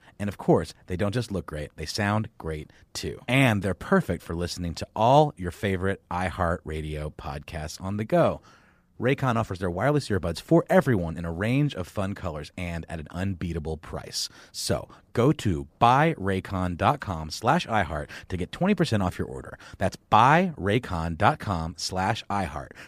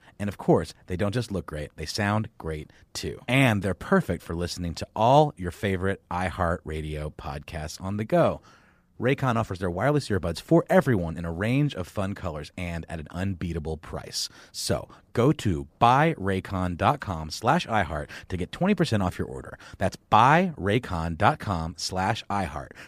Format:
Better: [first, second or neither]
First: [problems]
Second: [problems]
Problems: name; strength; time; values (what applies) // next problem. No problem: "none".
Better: neither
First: none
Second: none